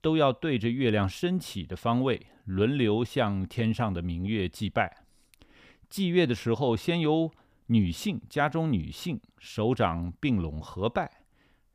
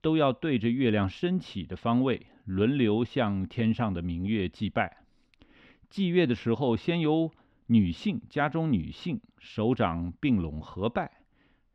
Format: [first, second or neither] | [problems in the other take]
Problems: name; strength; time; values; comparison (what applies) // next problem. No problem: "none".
first | muffled; very slightly; fading above 3 kHz